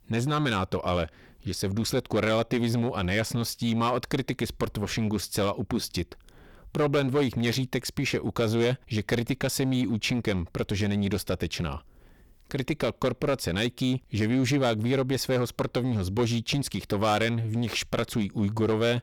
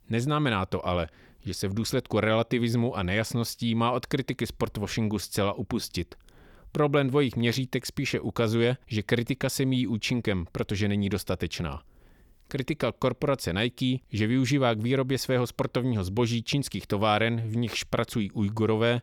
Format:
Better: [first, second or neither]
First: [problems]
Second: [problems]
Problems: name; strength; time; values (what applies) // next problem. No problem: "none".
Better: second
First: distortion; slight; 7% of the sound clipped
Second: none